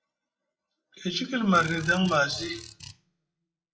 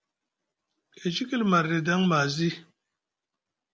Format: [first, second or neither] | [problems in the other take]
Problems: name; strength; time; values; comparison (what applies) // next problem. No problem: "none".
second | noise reduction (classical method WPE with log-MMSE)